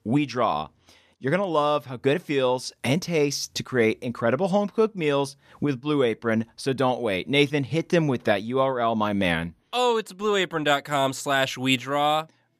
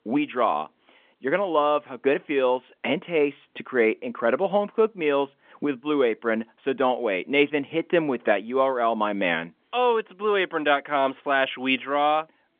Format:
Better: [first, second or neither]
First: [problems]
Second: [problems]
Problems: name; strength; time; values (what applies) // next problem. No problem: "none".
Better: first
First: none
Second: phone-call audio; nothing above 3.5 kHz